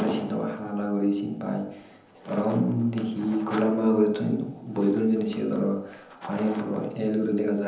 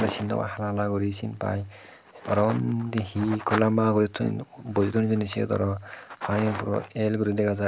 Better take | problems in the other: second | room echo; dies away in 0.9 s

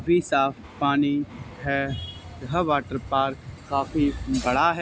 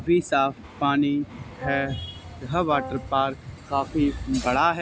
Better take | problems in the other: first | background sound (Brass instrument); 13 dB below the speech

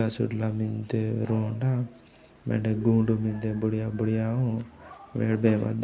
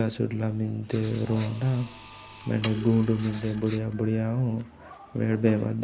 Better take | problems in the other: first | background sound (Sawing + Writing); 18 dB below the speech

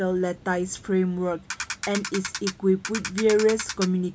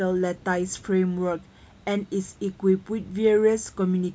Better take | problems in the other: second | background sound (Ratchet, pawl); 9 dB below the speech

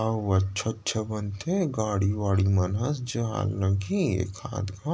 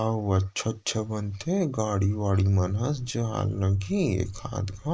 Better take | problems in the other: first | noise reduction (neural mask model Resemble Enhance denoiser)

